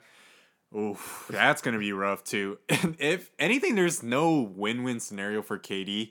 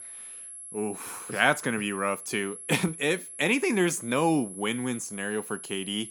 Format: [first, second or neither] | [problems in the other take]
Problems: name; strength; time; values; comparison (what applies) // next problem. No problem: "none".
first | high-pitched whine; noticeable; throughout; 11 kHz, 10 dB below the speech